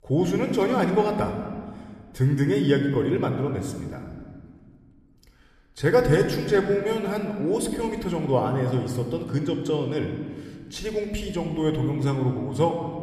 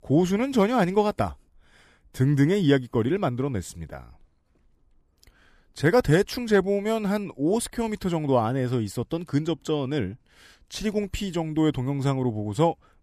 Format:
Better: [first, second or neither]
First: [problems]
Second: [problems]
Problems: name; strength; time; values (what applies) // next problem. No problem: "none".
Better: second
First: room echo; slight; dies away in 1.5 s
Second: none